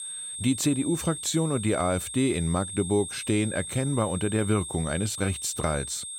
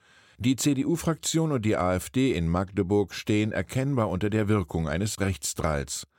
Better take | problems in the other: second | high-pitched whine; loud; throughout; 8.5 kHz, 7 dB below the speech

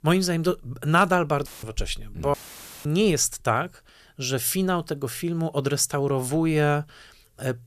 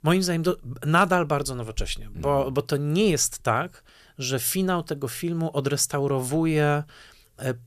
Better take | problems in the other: second | audio cutting out; filled with static; at 1.5 s and at 2.5 s for 0.5 s

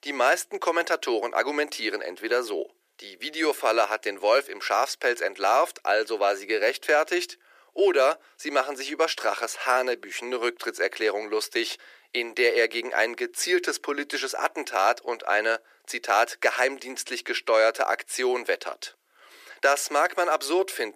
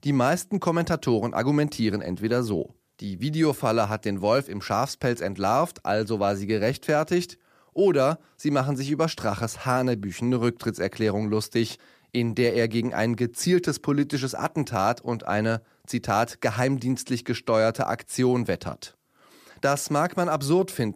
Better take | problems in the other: second | thin; very; fading below 350 Hz

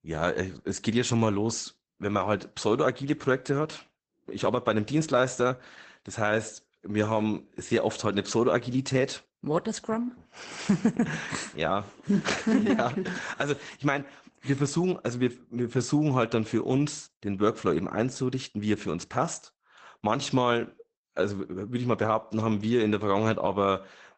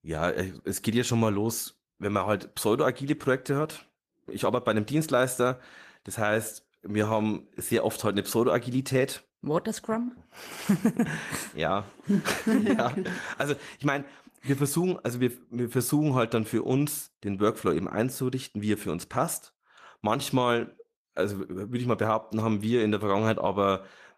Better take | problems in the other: second | garbled, watery; badly; nothing above 8 kHz; slightly in the second

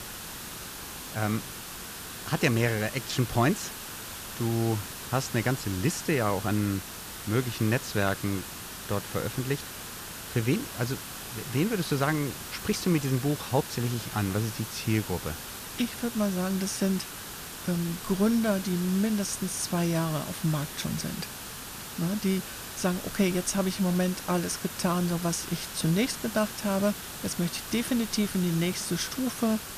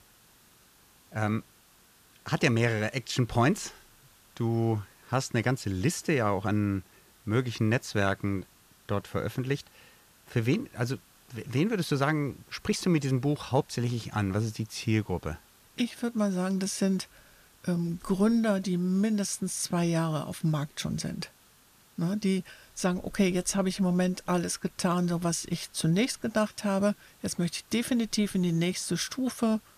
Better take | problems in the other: second | hiss; loud; throughout; 8 dB below the speech; faint in the second

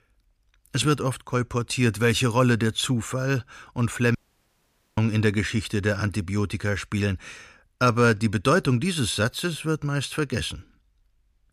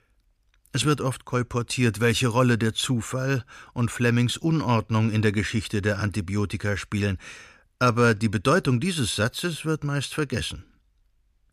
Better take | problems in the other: second | audio cutting out; at 4 s for 1 s

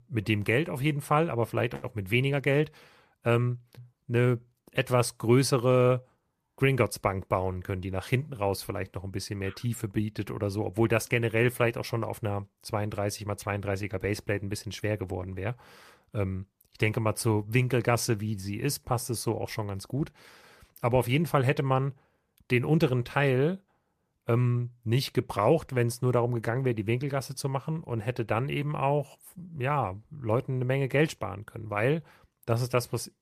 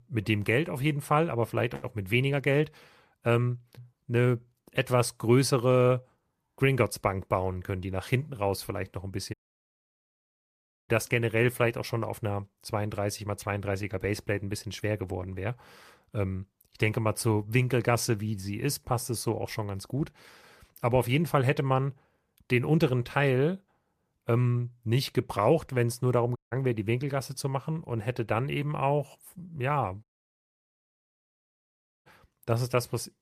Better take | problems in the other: first | audio cutting out; at 9.5 s for 1.5 s, at 26 s and at 30 s for 2 s

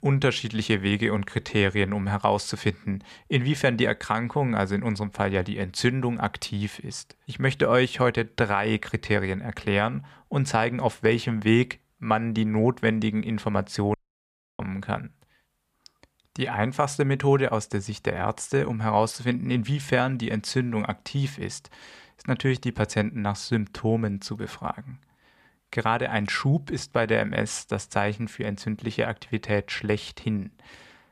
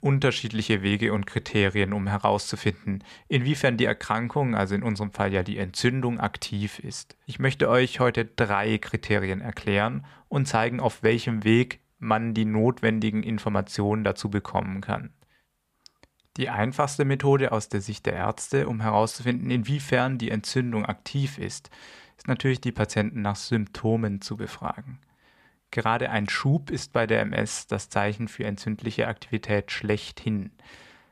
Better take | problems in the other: second | audio cutting out; at 14 s for 0.5 s

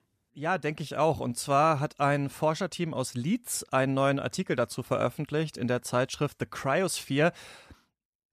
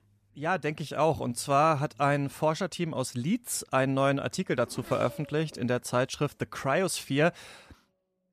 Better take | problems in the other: first | traffic noise; faint; throughout; 25 dB below the speech

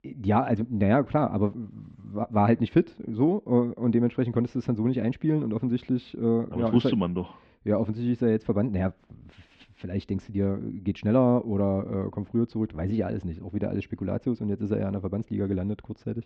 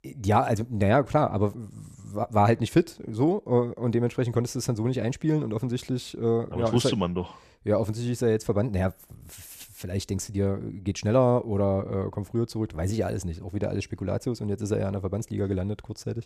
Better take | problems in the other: second | muffled; very; fading above 3.5 kHz

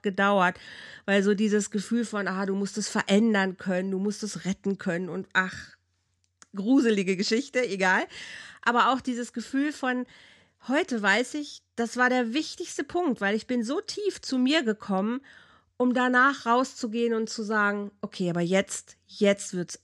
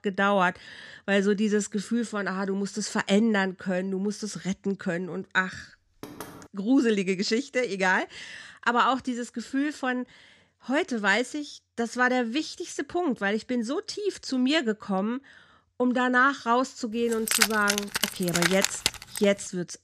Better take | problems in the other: first | door banging; faint; at 6 s; peak 15 dB below the speech // jangling keys; loud; from 17 to 19 s; peak 4 dB above the speech

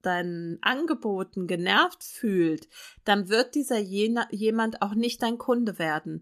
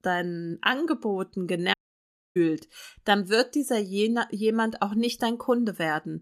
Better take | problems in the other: first | audio cutting out; at 1.5 s for 0.5 s

